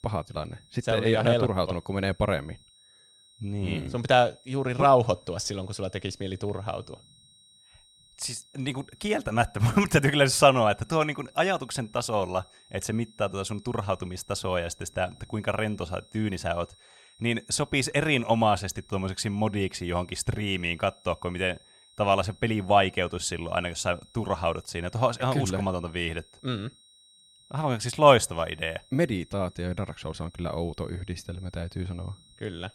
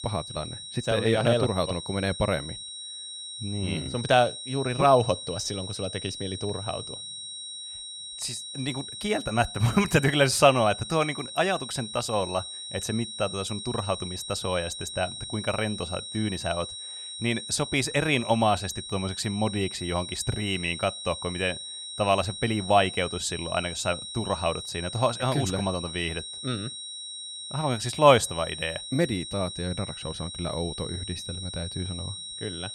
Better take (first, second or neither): first